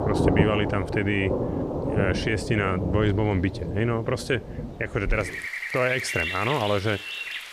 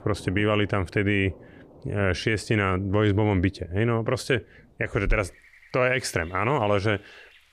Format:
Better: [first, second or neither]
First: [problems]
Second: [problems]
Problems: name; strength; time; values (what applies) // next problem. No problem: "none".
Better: second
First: rain or running water; loud; throughout; 3 dB below the speech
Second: rain or running water; faint; throughout; 25 dB below the speech